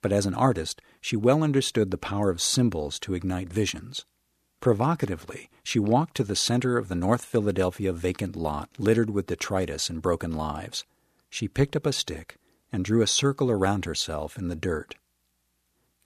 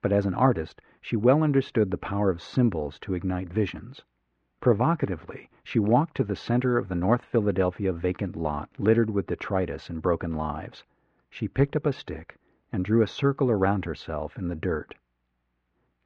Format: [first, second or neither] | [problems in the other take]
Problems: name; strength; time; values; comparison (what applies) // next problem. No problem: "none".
first | muffled; very; fading above 2 kHz